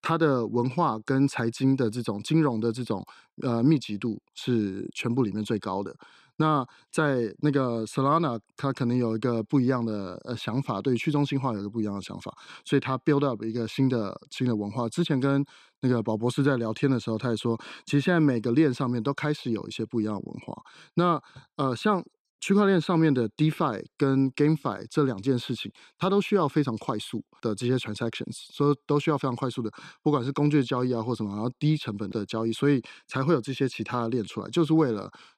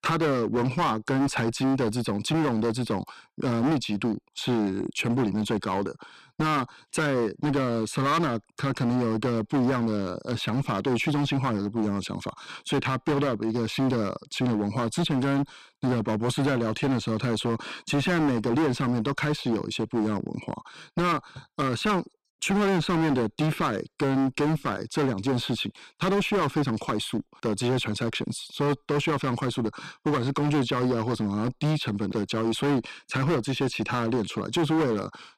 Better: first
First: none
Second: distortion; heavy; 18% of the sound clipped

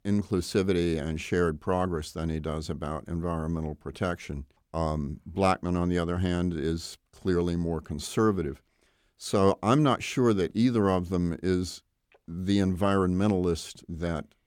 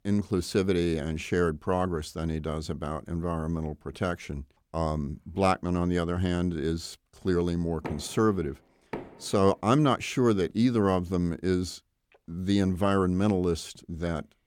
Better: first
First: none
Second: door banging; faint; from 8 to 9 s; peak 10 dB below the speech

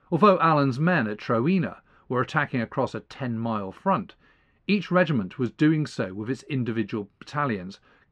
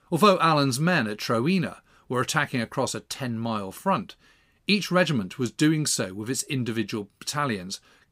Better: second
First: muffled; very; fading above 2 kHz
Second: none

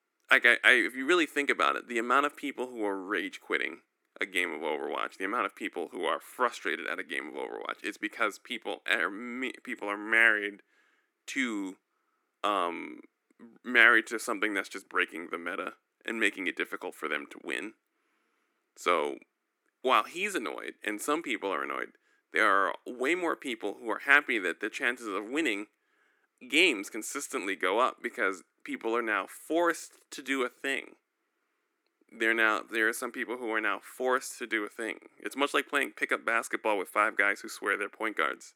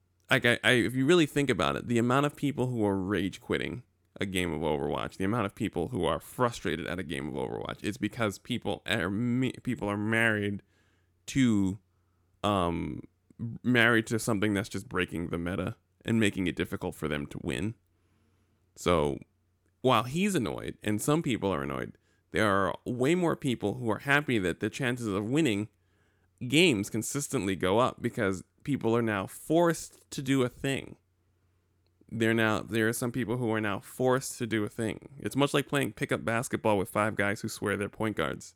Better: second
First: thin; somewhat; fading below 300 Hz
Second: none

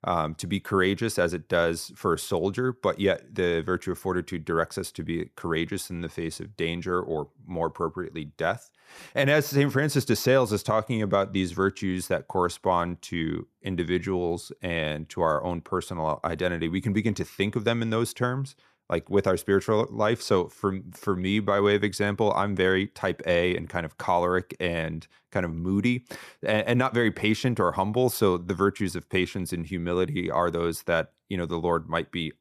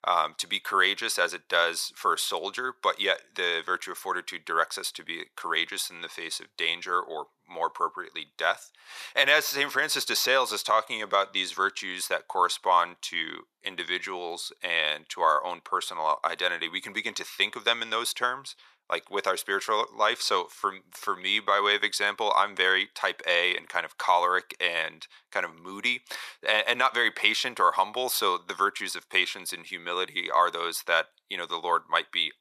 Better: first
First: none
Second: thin; very; fading below 800 Hz

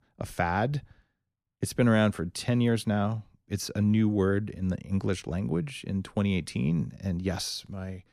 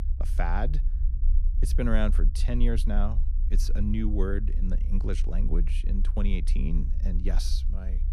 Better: first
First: none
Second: low rumble; noticeable; throughout; 15 dB below the speech

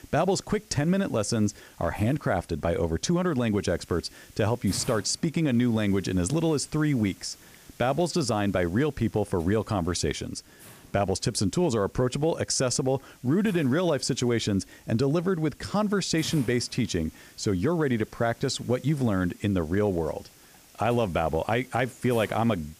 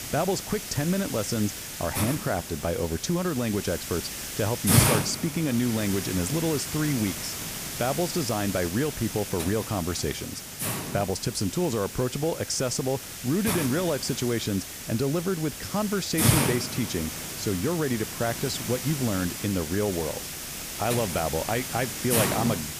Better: first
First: hiss; faint; throughout; 25 dB below the speech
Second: hiss; loud; throughout; 2 dB below the speech

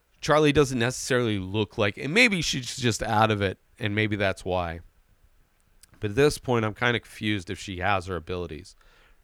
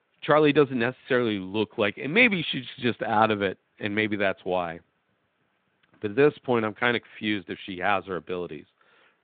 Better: first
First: none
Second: phone-call audio; nothing above 3.5 kHz

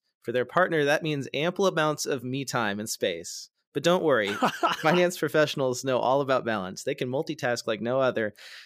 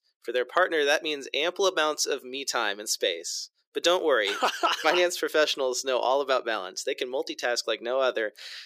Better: first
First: none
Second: thin; somewhat; fading below 350 Hz

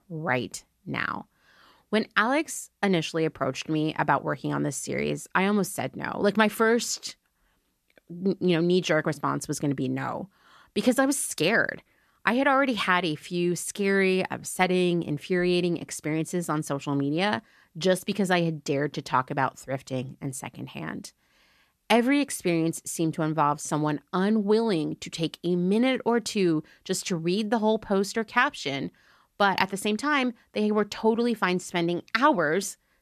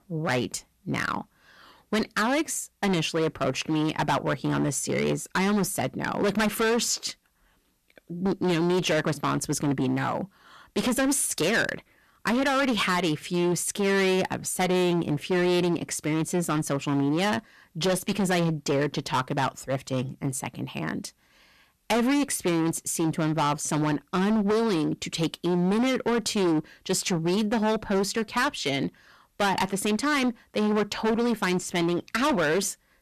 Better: first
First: none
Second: distortion; heavy; 16% of the sound clipped

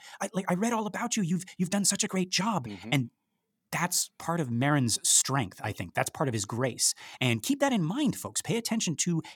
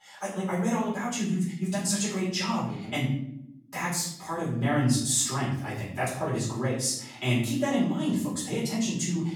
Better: first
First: none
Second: room echo; noticeable; dies away in 0.7 s // off-mic speech; far

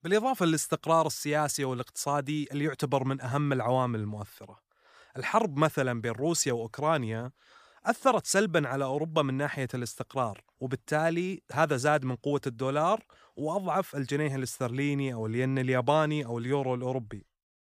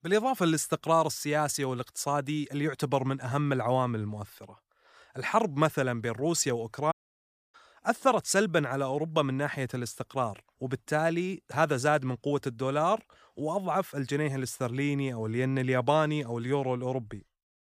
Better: first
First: none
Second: audio cutting out; at 7 s for 0.5 s

